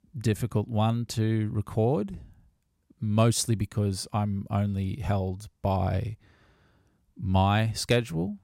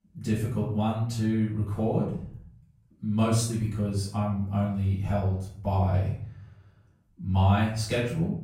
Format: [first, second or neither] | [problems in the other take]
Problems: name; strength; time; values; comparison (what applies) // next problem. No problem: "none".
first | room echo; noticeable; dies away in 0.5 s // off-mic speech; far